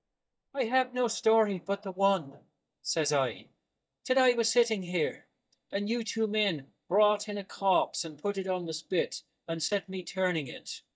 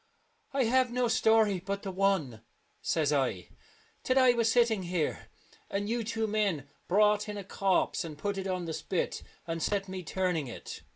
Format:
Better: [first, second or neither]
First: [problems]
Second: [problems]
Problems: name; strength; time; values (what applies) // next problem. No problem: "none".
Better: second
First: noise reduction (neural mask model DeepFilterNet 3)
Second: none